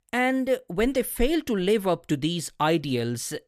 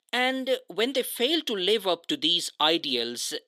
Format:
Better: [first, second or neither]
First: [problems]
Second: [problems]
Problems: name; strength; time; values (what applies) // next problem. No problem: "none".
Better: first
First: none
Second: thin; very slightly; fading below 300 Hz